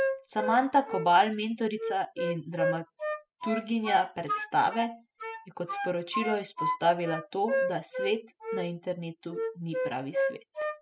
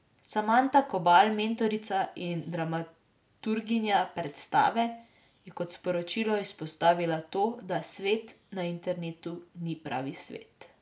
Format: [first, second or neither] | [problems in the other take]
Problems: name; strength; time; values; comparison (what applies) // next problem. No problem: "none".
second | noise reduction (classical method spectral subtraction)